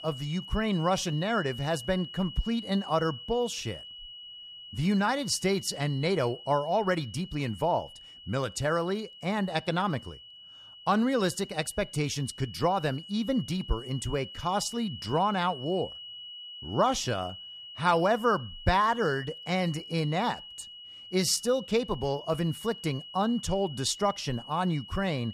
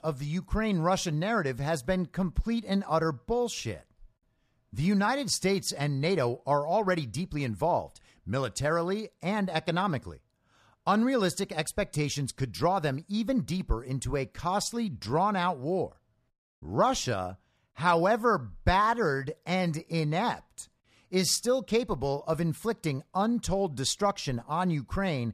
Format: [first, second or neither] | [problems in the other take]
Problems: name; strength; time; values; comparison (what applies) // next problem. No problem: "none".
second | high-pitched whine; noticeable; throughout; 3 kHz, 15 dB below the speech